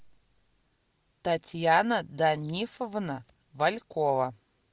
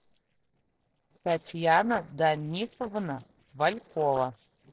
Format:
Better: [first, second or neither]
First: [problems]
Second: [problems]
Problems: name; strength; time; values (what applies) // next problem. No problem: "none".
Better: first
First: none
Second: noise reduction (neural separator model SepFormer DNS4)